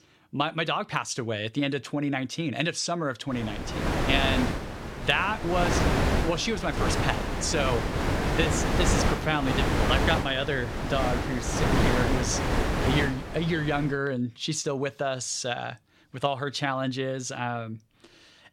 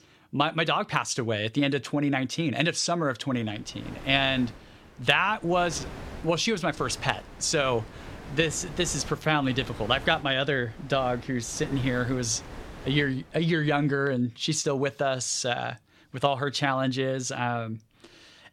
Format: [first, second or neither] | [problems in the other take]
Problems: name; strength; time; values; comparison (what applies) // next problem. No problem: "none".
second | wind noise on the microphone; heavy; from 3.5 to 14 s; 1 dB below the speech; occasional gusts in the second